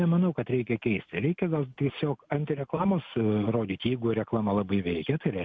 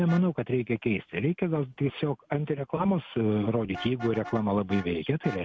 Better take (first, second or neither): first